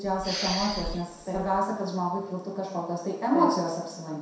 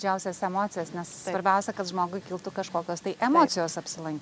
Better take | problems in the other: second | background sound (Respiratory sounds); 7 dB below the speech // room echo; dies away in 0.7 s

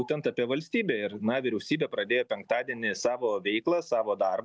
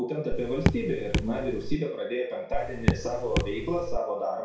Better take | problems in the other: first | background sound (Raindrop / Drip); 2 dB above the speech // room echo; dies away in 0.6 s

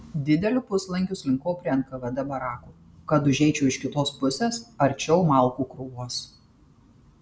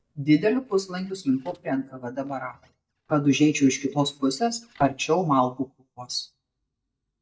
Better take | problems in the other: first | noise reduction (neural mask model DeepFilterNet 3)

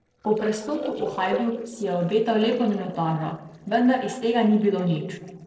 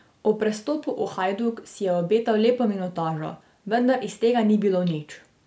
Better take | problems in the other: second | noise reduction (neural separator model SepFormer DNS4)

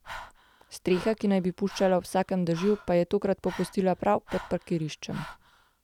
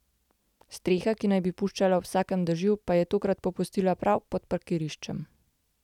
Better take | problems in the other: second | background sound (Breathing); 18 dB below the speech

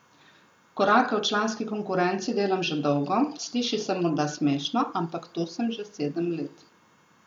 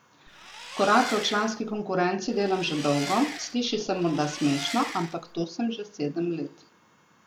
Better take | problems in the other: first | background sound (Engine); 11 dB below the speech

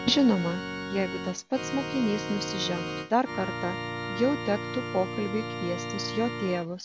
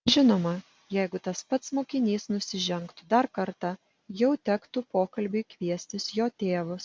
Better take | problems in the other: second | background sound (Organ); 6 dB below the speech

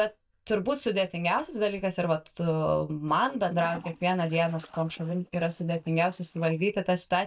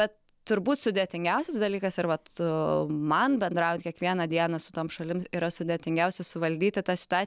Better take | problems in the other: second | noise reduction (neural mask model DeepFilterNet 3)

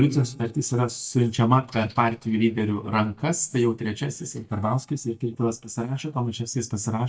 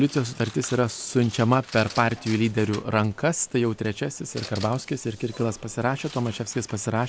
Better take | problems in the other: second | noise reduction (neural mask model DeepFilterNet 3)

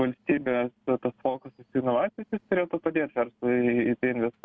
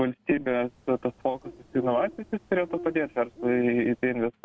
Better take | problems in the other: first | background sound (Bird); 15 dB below the speech

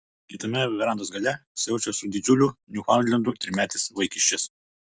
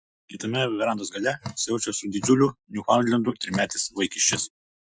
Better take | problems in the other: first | noise reduction (classical method Wiener filter)

